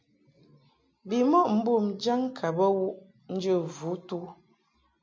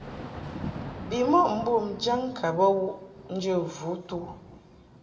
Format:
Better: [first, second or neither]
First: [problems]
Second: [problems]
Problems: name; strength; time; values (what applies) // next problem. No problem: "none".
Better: first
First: none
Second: background sound (Thunder / Rain); 13 dB below the speech // room echo; dies away in 1.3 s